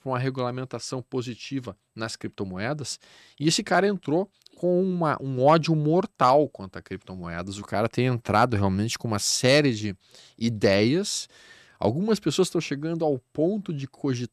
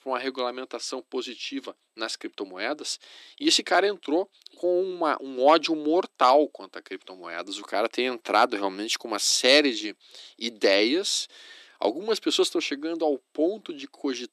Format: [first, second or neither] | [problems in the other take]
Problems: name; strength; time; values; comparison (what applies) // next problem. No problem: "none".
first | thin; somewhat; fading below 300 Hz